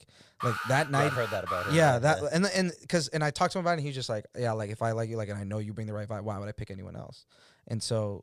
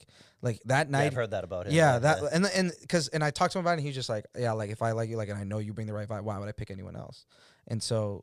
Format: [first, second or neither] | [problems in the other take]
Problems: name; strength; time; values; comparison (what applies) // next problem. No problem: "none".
second | alarm; noticeable; until 2 s; peak 4 dB below the speech